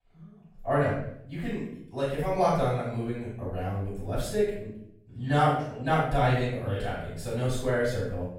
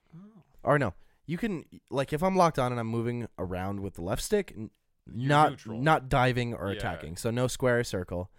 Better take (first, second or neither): second